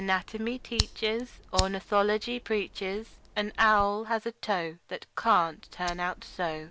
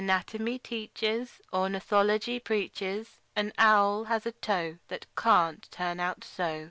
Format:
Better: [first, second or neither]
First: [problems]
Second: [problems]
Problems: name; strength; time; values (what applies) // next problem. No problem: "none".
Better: second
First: background sound (Fire); 10 dB below the speech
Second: none